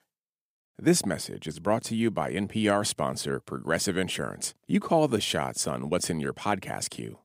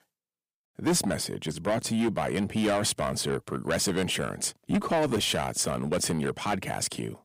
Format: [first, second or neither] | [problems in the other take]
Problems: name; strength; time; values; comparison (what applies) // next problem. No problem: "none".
first | distortion; heavy; 7 dB below the speech